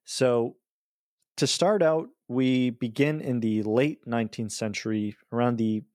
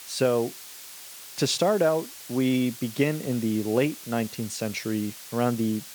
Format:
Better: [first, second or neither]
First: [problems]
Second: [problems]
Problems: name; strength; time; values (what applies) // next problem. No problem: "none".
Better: first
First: none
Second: hiss; noticeable; throughout; 15 dB below the speech